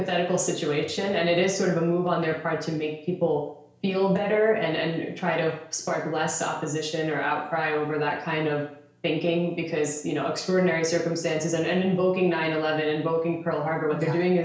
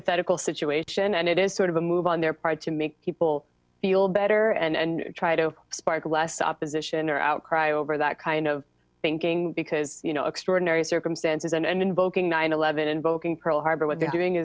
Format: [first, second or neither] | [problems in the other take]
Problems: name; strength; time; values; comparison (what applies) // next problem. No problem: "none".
second | room echo; dies away in 0.5 s